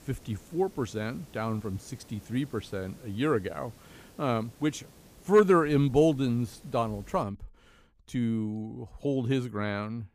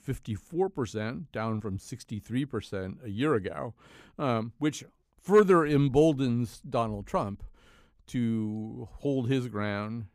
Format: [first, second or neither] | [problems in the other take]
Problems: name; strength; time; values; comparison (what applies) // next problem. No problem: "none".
second | hiss; faint; until 7 s; 25 dB below the speech